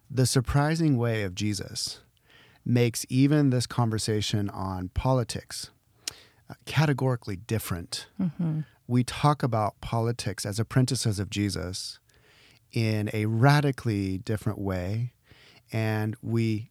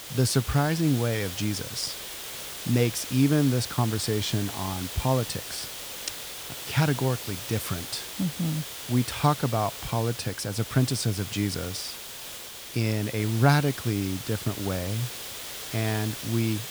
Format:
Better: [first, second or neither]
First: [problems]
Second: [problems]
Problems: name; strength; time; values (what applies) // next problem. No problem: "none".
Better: first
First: none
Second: hiss; loud; throughout; 8 dB below the speech